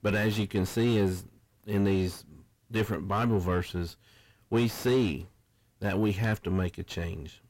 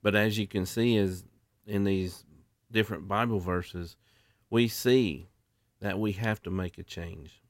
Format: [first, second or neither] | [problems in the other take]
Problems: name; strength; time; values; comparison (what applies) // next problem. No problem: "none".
second | distortion; heavy; 6 dB below the speech